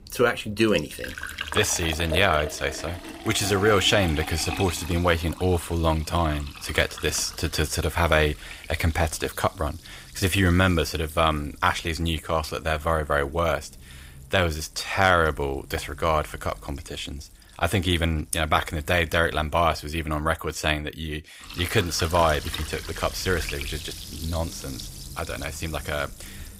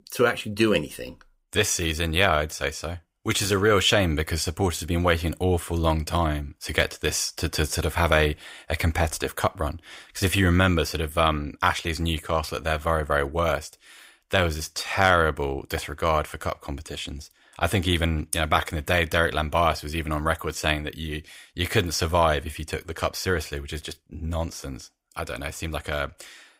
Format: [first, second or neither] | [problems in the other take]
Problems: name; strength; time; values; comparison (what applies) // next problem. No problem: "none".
second | household noises; noticeable; throughout; 15 dB below the speech